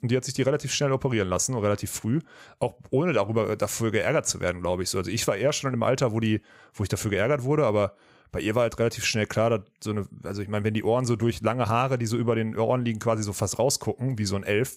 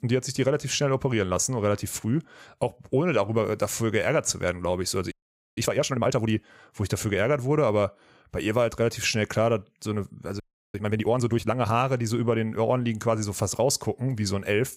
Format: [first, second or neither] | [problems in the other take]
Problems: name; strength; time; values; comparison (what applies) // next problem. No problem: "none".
first | audio freezing; at 5 s and at 10 s